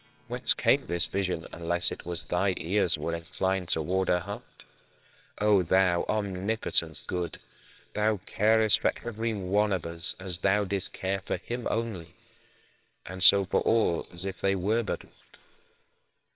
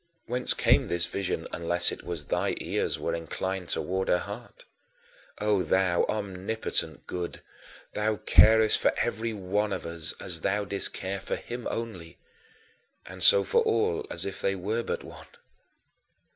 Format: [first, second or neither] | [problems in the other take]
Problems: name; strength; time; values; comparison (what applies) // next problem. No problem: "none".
second | noise reduction (neural separator model SepFormer WHAMR!)